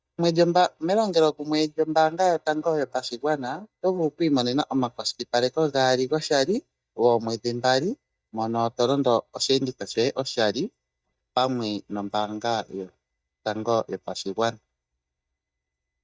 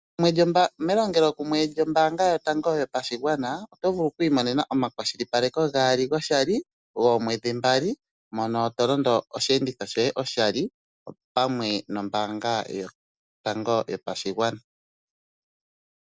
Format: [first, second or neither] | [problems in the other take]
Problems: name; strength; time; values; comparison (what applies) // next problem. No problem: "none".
second | noise reduction (neural mask model DeepFilterNet 3)